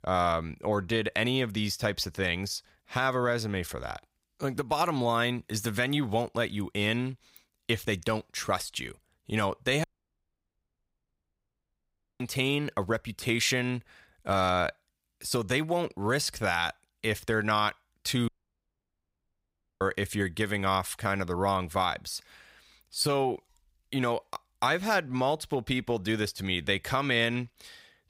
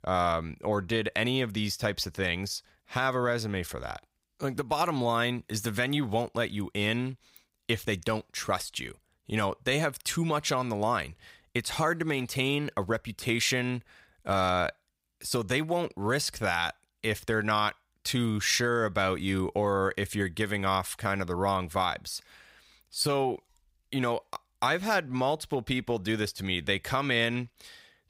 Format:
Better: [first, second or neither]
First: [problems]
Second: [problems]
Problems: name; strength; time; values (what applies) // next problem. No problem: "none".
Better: second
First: audio cutting out; at 10 s for 2.5 s and at 18 s for 1.5 s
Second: none